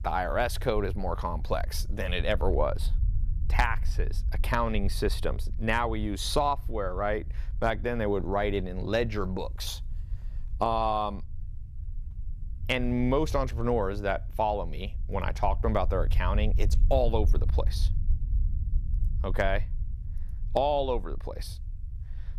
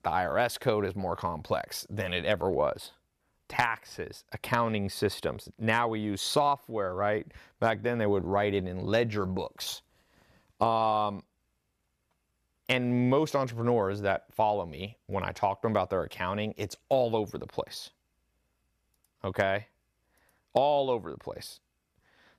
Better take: second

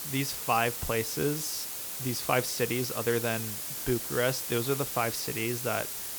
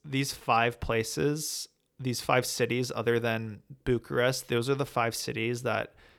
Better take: second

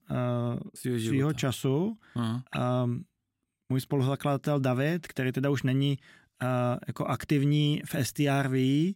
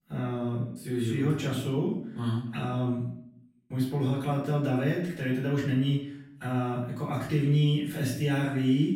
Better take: first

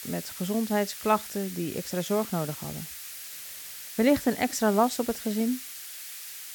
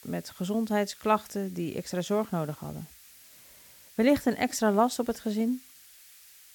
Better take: second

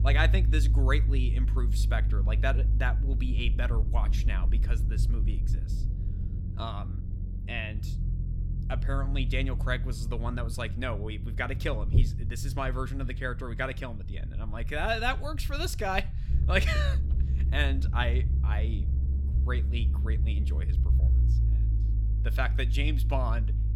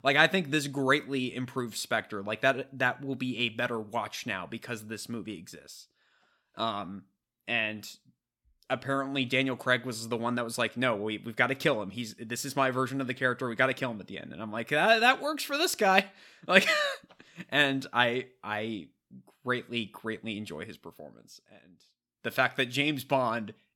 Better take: second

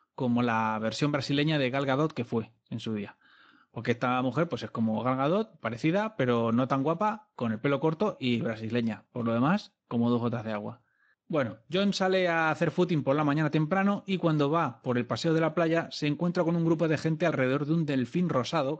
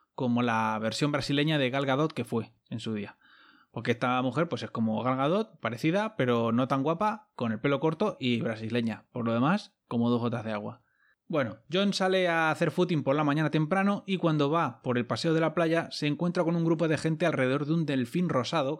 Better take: second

